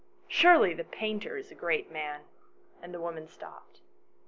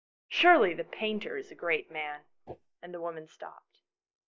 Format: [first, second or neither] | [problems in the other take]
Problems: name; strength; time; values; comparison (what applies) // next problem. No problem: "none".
first | noise reduction (neural mask model DeepFilterNet 3)